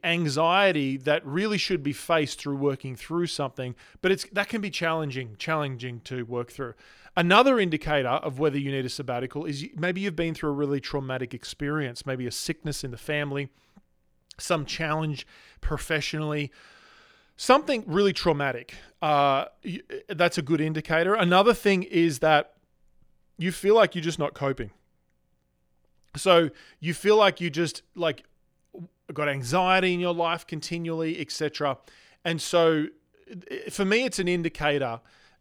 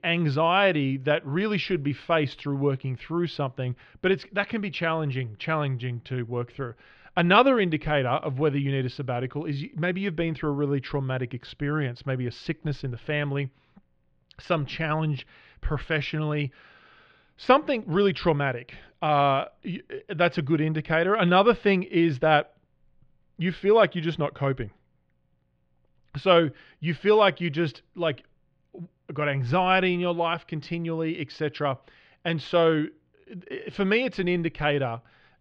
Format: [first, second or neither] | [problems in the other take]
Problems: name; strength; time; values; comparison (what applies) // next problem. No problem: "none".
first | muffled; slightly; fading above 3.5 kHz